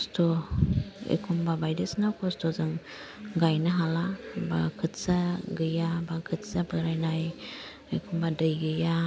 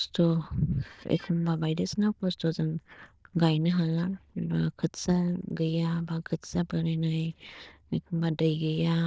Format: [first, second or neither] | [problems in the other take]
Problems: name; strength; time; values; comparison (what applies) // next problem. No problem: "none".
first | noise reduction (neural diffusion model UNIVERSE++)